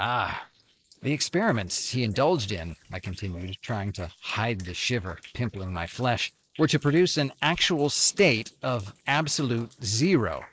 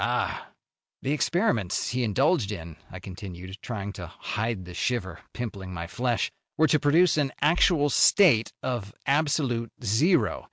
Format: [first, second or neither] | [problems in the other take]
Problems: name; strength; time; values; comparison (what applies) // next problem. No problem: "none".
second | noise reduction (neural mask model Resemble Enhance denoiser)